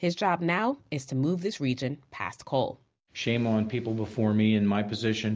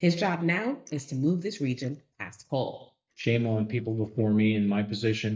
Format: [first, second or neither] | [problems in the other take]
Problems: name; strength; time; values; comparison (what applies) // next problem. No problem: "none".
first | noise reduction (neural mask model DeepFilterNet 3)